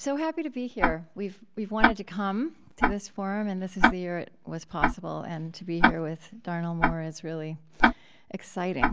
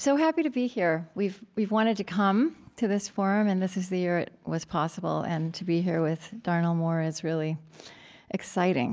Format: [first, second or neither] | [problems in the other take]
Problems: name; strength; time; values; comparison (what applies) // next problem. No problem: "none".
second | background sound (Tick-tock); 3 dB above the speech